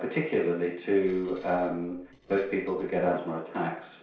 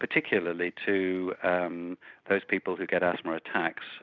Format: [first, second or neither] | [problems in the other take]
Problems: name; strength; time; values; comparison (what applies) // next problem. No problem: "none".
second | noise reduction (neural separator model SepFormer DNS4)